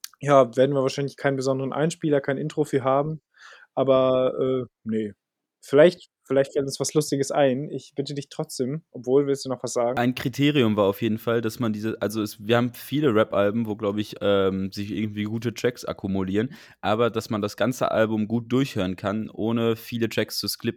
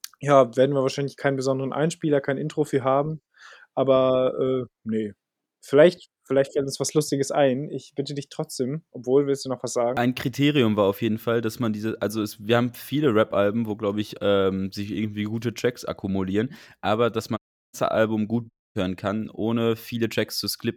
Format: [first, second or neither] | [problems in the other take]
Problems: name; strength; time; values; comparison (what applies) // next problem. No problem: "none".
first | audio cutting out; at 17 s and at 19 s